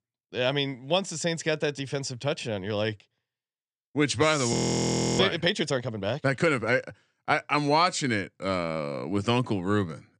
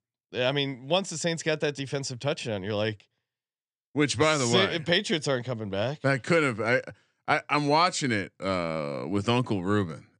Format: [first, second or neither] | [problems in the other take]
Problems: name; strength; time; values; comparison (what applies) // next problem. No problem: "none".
second | audio freezing; at 4.5 s for 0.5 s